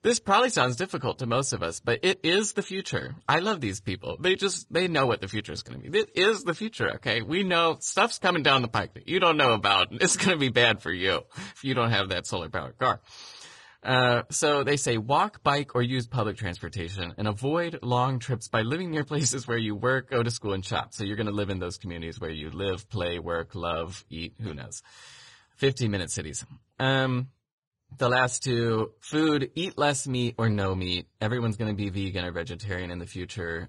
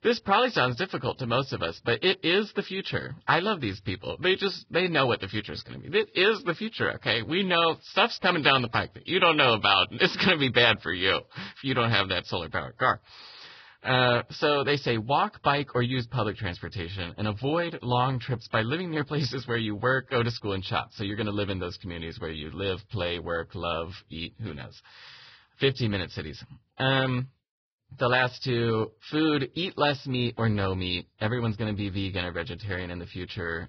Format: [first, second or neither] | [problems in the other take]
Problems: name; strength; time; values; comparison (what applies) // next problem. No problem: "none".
first | garbled, watery; badly; nothing above 5.5 kHz; slightly in the first